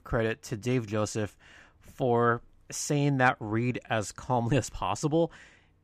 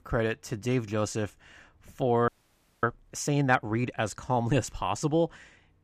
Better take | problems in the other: first | audio freezing; at 2.5 s for 0.5 s

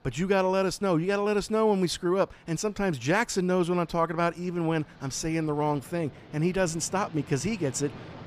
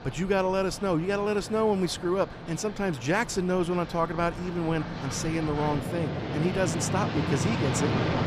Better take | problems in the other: first | train or aircraft noise; loud; throughout; 5 dB below the speech; faint in the first

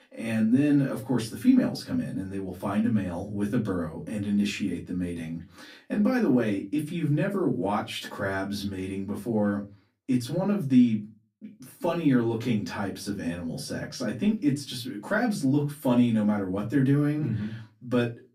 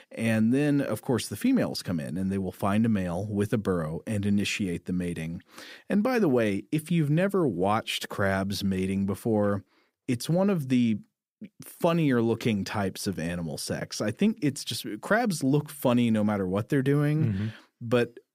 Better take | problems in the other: second | off-mic speech; far // room echo; very slight; dies away in 0.2 s

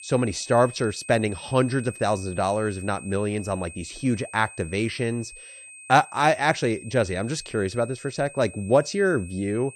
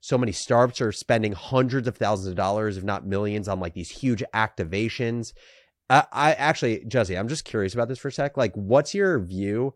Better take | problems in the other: second | high-pitched whine; noticeable; throughout; 2.5 kHz, 15 dB below the speech

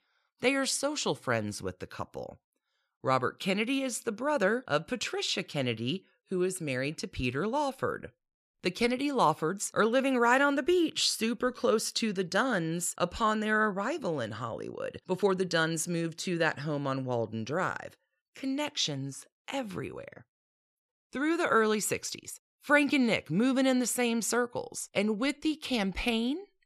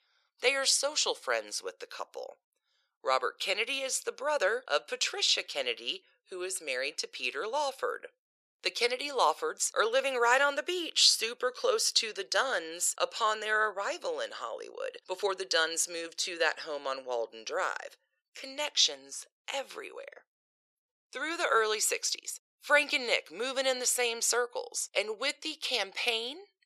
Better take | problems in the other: first | thin; very; fading below 450 Hz

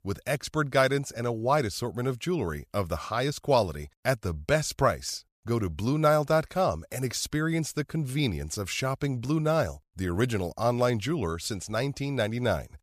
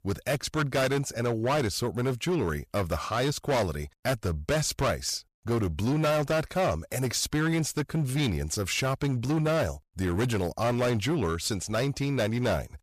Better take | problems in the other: first | distortion; heavy; 15% of the sound clipped

